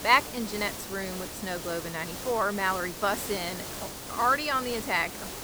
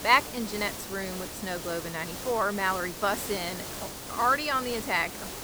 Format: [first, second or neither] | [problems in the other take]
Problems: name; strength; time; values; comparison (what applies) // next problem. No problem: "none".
neither | hiss; loud; throughout; 8 dB below the speech; the same in both